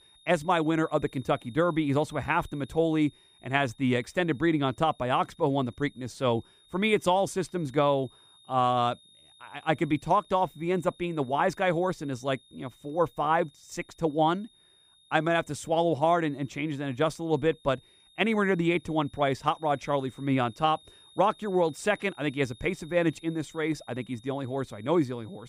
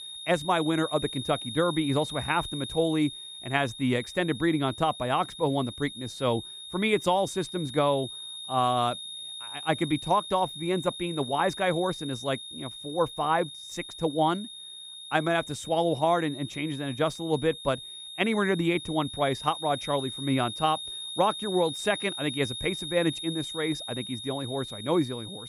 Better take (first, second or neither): first